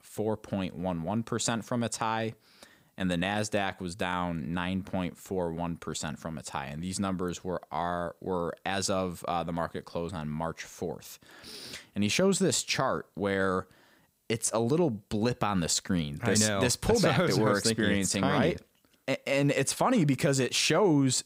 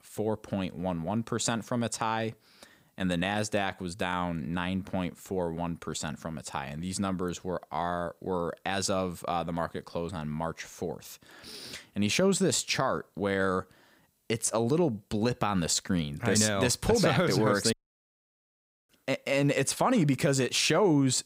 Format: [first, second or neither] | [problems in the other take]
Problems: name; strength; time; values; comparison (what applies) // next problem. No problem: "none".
first | audio cutting out; at 18 s for 1 s